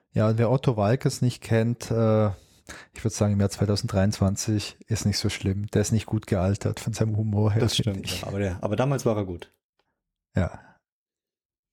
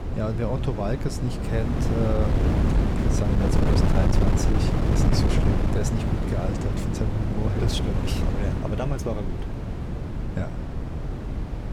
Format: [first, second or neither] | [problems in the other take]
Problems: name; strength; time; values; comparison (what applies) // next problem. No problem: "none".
first | wind noise on the microphone; heavy; 1 dB above the speech